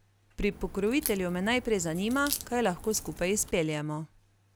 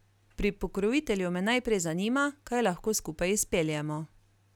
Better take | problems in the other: second | background sound (Crack); 11 dB below the speech

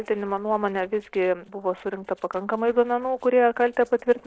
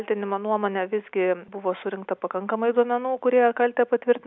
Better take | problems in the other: second | noise reduction (neural separator model SepFormer DNS4)

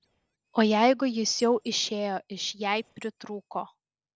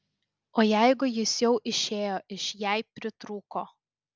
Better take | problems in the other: second | noise reduction (neural separator model SepFormer DNS4)

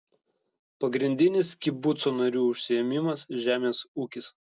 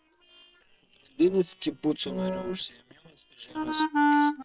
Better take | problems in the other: first | noise reduction (neural separator model SepFormer WHAM!)

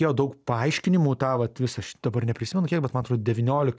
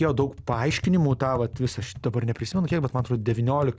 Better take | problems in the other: first | background sound (Tap); 12 dB below the speech

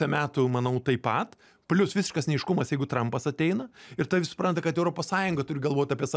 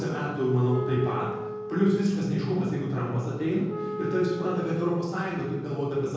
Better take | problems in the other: first | background sound (Wind instrument, woodwind instrument); 11 dB below the speech // room echo; dies away in 1.3 s

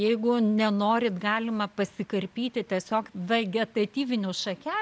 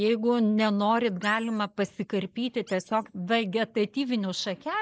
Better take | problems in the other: first | noise reduction (neural mask model Resemble Enhance denoiser)

